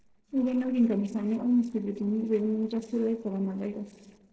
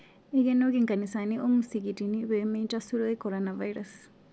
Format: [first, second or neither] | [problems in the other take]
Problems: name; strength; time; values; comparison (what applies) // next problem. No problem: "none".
second | noise reduction (neural separator model SepFormer DNS4)